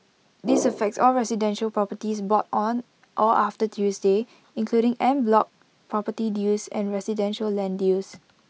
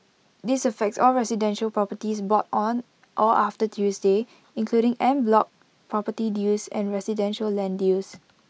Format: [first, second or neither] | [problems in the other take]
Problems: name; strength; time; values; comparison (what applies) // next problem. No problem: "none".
second | background sound (Brass instrument); 7 dB below the speech